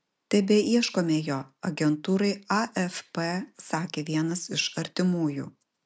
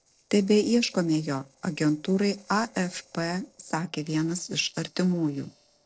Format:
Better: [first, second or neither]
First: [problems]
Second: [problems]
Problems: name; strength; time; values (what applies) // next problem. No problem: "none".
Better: first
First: none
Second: noise reduction (neural separator model SepFormer DNS4)